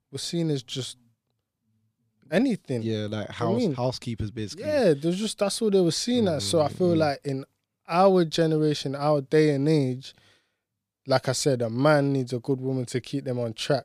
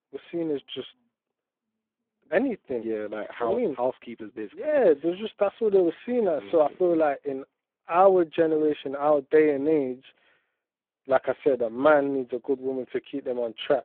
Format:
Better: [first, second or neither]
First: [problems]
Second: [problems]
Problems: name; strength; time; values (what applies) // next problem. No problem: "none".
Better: first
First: none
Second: phone-call audio; poor line